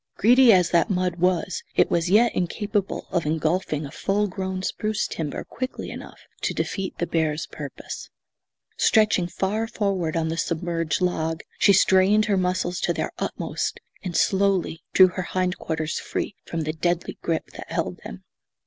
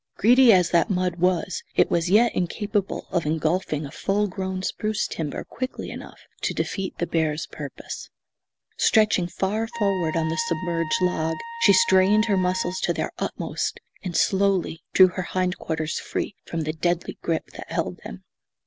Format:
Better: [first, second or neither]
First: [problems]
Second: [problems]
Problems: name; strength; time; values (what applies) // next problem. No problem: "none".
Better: first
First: none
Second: background sound (Trumpet); 11 dB below the speech